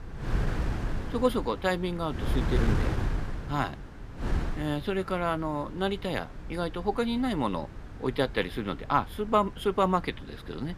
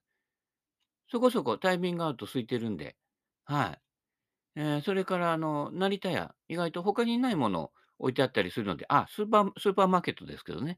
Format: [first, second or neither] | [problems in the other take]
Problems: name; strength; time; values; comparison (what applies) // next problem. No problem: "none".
second | wind noise on the microphone; occasional gusts; 10 dB below the speech